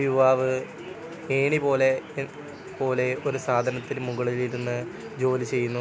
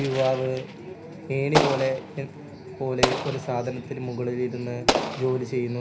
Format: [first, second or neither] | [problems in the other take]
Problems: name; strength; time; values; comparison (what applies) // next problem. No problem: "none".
first | background sound (Explosion); 3 dB below the speech // room echo; dies away in 0.5 s